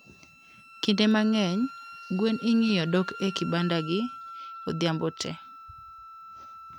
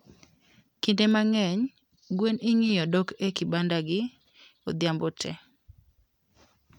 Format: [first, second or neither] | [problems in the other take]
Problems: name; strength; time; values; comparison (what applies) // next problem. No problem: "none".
second | background sound (Wind instrument, woodwind instrument); 15 dB below the speech